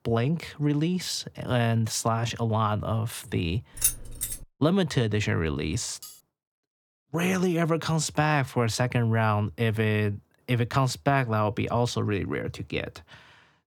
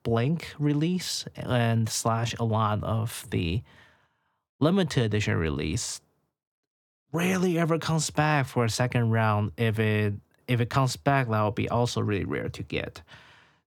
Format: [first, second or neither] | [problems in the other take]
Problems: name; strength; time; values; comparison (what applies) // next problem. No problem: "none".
second | jangling keys; loud; at 4 s; peak 1 dB above the speech // clattering dishes; faint; at 6 s; peak 20 dB below the speech